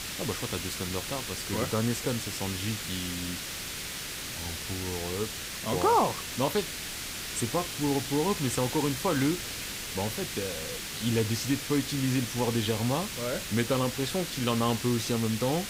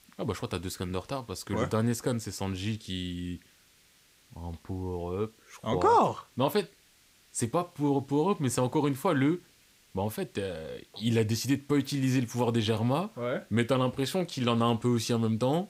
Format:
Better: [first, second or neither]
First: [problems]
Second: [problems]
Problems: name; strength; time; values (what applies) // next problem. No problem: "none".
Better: second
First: hiss; loud; throughout; 4 dB below the speech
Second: hiss; faint; throughout; 30 dB below the speech